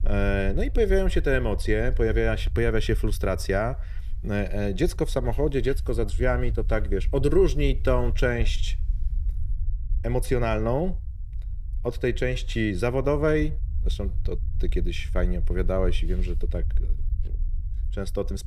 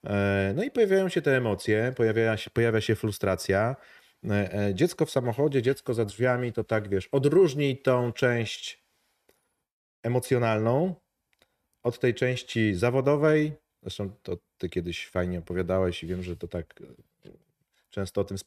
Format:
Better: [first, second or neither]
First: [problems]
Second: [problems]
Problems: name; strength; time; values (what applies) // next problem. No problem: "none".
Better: second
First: low rumble; faint; throughout; 25 dB below the speech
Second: none